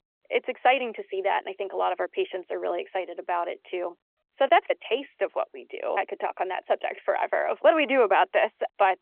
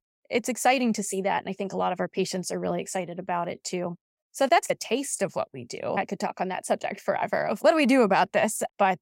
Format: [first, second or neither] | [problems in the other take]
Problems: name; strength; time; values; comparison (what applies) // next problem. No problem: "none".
second | phone-call audio